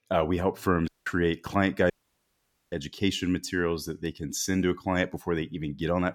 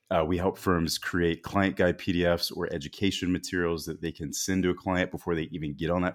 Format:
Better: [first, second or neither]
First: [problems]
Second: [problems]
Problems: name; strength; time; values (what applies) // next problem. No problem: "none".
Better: second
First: audio cutting out; at 1 s and at 2 s for 1 s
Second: none